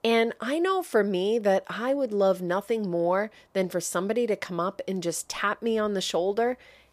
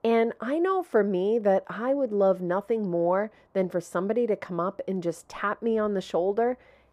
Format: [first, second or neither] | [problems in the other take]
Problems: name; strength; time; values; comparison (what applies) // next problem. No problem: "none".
first | muffled; slightly; fading above 2 kHz